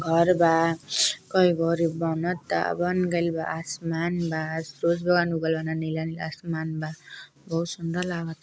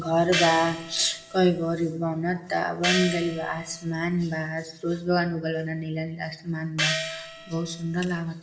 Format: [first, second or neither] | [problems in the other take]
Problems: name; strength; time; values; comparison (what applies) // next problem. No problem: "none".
first | background sound (Gong); 6 dB below the speech // room echo; dies away in 0.6 s